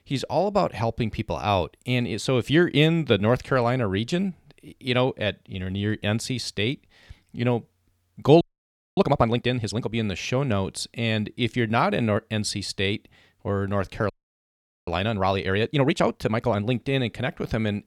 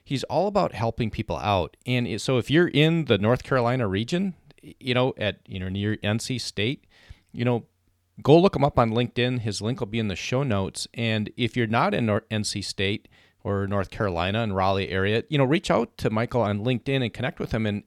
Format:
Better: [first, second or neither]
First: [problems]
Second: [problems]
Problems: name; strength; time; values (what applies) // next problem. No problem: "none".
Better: second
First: audio freezing; at 8.5 s for 0.5 s and at 14 s for 1 s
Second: none